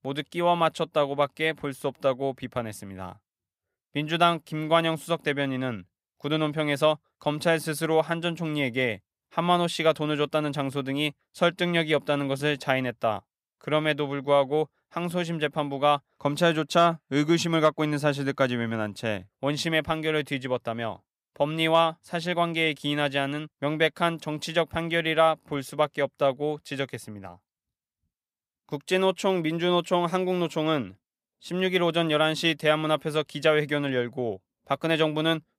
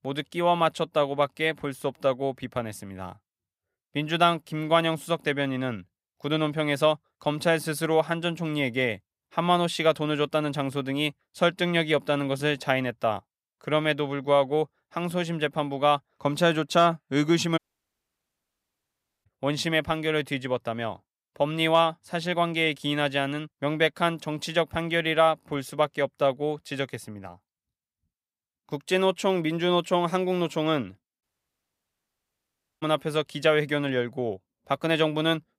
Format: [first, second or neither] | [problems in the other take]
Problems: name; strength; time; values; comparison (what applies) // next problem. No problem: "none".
first | audio cutting out; at 18 s for 1.5 s and at 31 s for 1.5 s